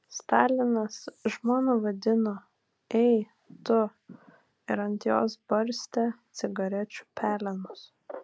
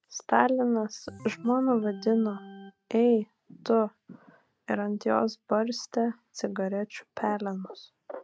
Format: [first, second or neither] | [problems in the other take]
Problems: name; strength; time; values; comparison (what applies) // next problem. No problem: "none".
first | noise reduction (neural mask model RNNoise)